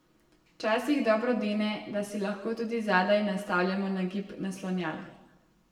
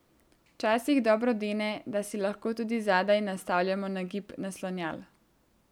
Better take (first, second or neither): second